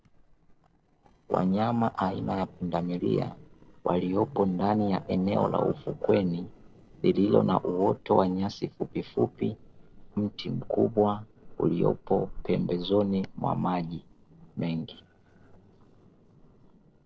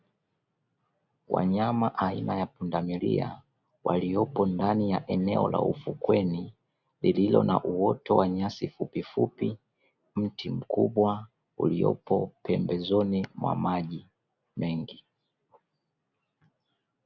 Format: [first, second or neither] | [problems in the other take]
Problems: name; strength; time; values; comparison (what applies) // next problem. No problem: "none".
second | noise reduction (neural separator model SepFormer DNS4)